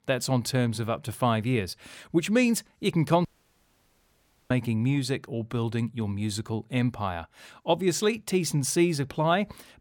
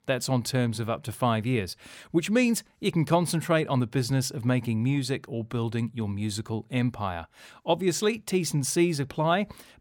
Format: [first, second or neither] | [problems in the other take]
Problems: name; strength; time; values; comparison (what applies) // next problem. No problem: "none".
second | audio cutting out; at 3.5 s for 1.5 s